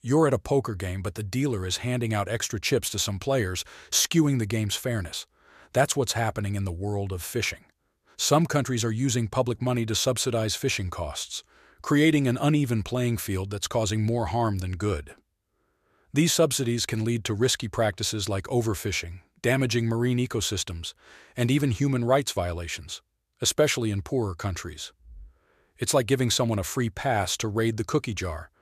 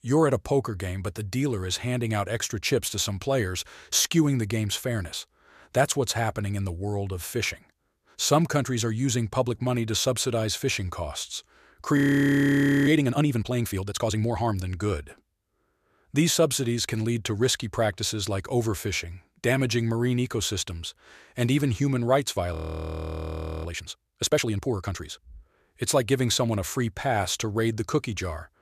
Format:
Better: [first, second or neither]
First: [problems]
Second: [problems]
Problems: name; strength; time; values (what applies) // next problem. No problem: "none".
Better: first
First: none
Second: audio freezing; at 12 s for 1 s and at 23 s for 1 s